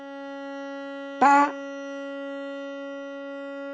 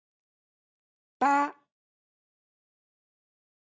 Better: second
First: background sound (Bowed string instrument); 7 dB below the speech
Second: none

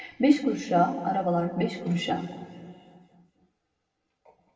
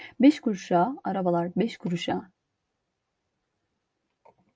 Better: second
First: room echo; dies away in 2.1 s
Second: none

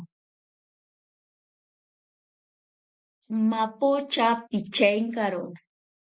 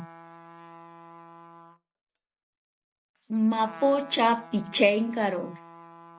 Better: first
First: none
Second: background sound (Trumpet); 19 dB below the speech

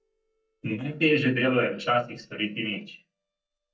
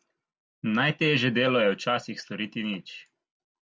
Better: second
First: noise reduction (neural mask model DeepFilterNet 3)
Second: none

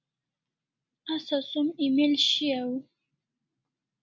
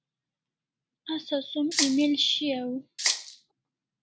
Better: first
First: none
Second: background sound (Rattle (instrument)); 1 dB above the speech

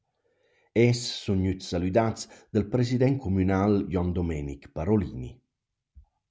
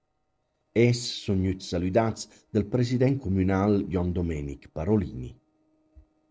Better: first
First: none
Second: noise reduction (neural separator model SepFormer DNS4)

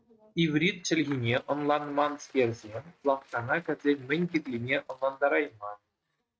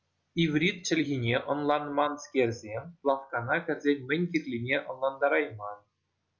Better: second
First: noise reduction (neural mask model RNNoise)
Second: none

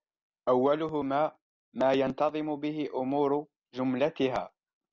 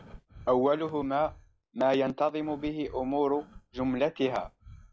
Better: first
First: none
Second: noise reduction (classical method log-MMSE)

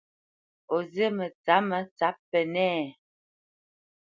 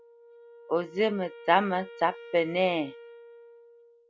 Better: first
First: none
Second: background sound (Wind instrument, woodwind instrument); 18 dB below the speech

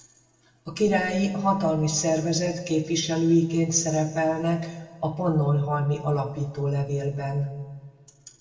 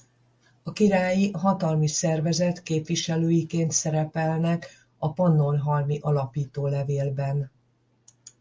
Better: second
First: room echo; dies away in 1.3 s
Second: none

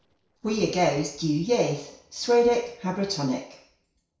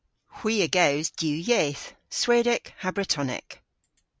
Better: second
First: noise reduction (neural separator model SepFormer DNS4)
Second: none

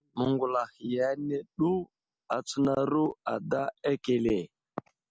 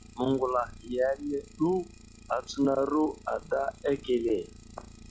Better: first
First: none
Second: noise reduction (classical method log-MMSE)

